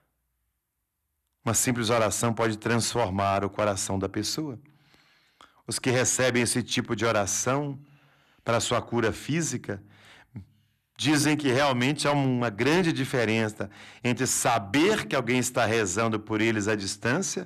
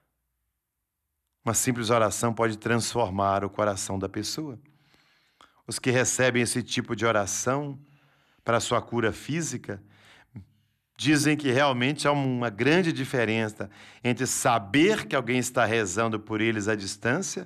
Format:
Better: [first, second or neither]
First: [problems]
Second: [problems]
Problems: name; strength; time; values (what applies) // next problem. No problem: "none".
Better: second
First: distortion; slight; 7% of the sound clipped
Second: none